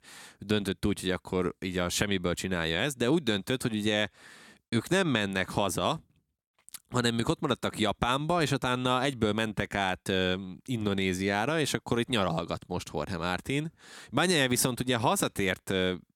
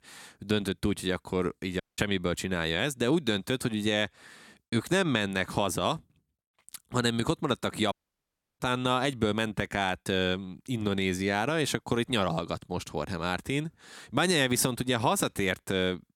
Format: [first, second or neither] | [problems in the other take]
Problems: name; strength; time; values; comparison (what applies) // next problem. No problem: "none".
first | audio cutting out; at 2 s and at 8 s for 0.5 s